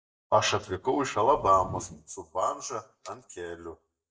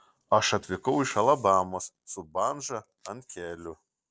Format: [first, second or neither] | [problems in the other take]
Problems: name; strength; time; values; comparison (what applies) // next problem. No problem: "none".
second | noise reduction (neural mask model DeepFilterNet 3)